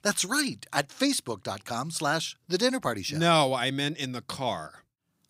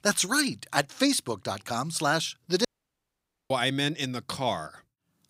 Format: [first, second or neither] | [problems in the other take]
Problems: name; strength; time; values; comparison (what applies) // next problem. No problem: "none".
first | audio cutting out; at 2.5 s for 1 s